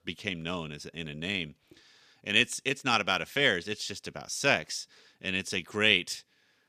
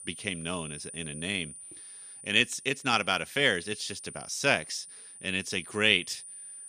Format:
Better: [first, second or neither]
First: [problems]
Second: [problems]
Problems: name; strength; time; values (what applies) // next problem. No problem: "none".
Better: first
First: none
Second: high-pitched whine; noticeable; throughout; 9.5 kHz, 15 dB below the speech